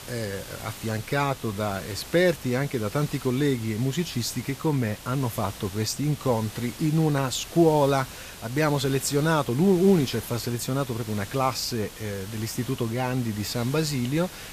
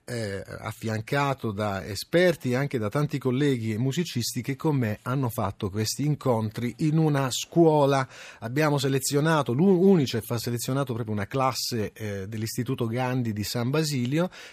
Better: second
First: hiss; noticeable; throughout; 15 dB below the speech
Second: none

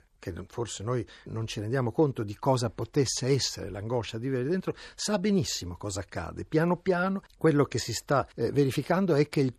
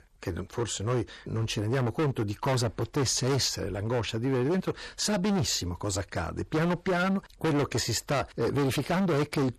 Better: first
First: none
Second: distortion; heavy; 19% of the sound clipped

